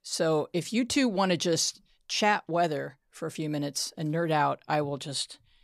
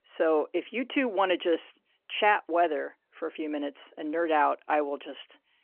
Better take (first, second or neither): first